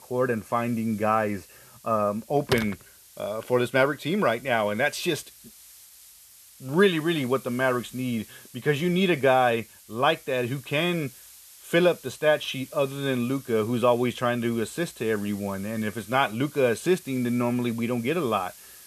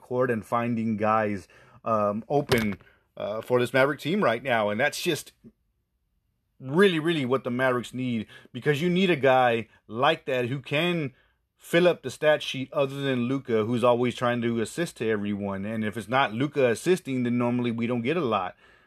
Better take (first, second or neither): second